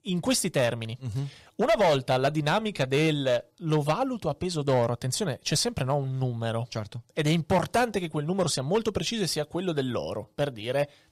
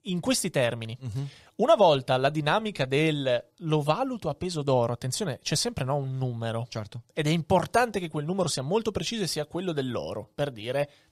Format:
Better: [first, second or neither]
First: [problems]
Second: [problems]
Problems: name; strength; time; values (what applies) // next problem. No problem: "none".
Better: second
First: distortion; slight; 4% of the sound clipped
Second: none